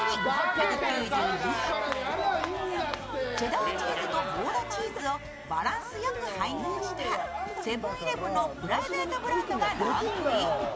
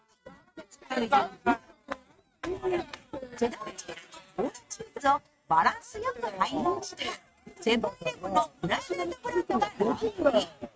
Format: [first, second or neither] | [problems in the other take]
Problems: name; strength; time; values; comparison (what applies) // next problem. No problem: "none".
first | noise reduction (neural mask model RNNoise)